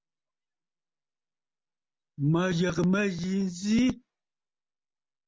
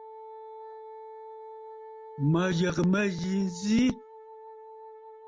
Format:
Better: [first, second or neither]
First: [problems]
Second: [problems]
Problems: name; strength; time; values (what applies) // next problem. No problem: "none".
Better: first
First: none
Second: background sound (Wind instrument, woodwind instrument); 15 dB below the speech